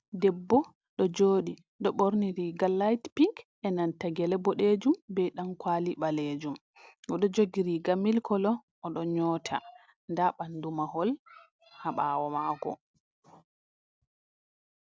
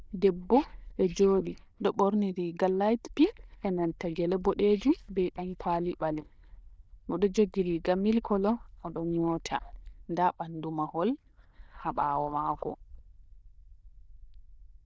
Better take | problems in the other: first | noise reduction (neural diffusion model UNIVERSE++)

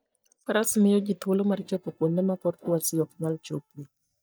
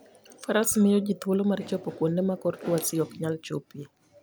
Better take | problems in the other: second | noise reduction (neural mask model DeepFilterNet 3)

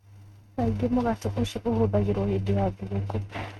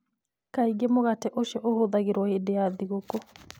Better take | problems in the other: second | noise reduction (neural mask model RNNoise)

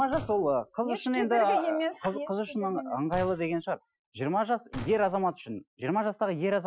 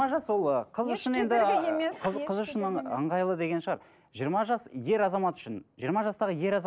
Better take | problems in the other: second | noise reduction (classical method Wiener filter)

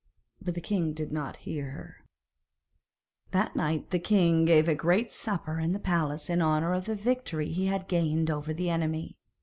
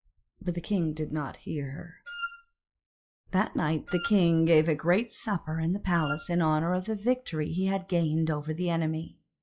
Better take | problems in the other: first | noise reduction (classical method log-MMSE)

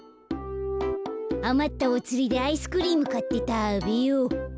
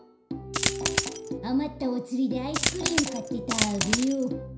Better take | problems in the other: first | background sound (Coin (dropping)); 1 dB above the speech // room echo; dies away in 0.5 s

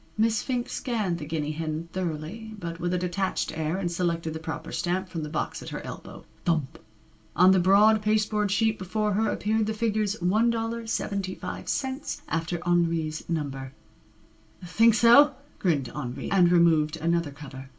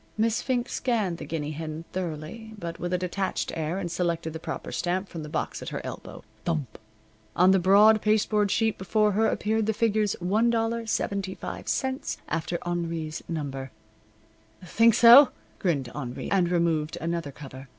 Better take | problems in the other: second | room echo; dies away in 0.2 s

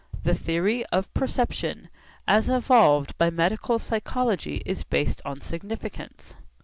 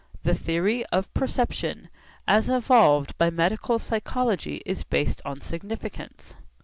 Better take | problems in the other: second | background sound (Bass drum); 17 dB below the speech

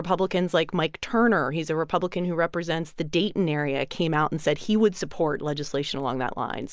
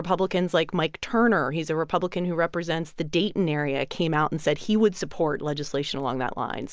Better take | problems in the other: second | noise reduction (neural mask model Resemble Enhance denoiser)

